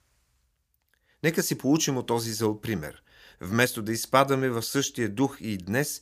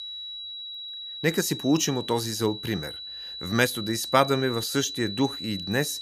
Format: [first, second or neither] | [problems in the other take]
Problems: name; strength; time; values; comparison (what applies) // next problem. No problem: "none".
first | high-pitched whine; loud; throughout; 4 kHz, 8 dB below the speech